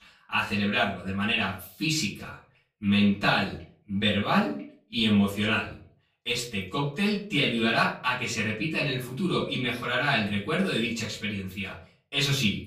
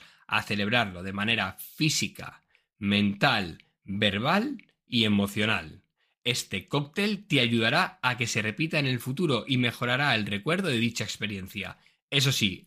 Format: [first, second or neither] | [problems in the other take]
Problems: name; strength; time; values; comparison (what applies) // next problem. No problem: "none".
second | off-mic speech; far // room echo; slight; dies away in 0.4 s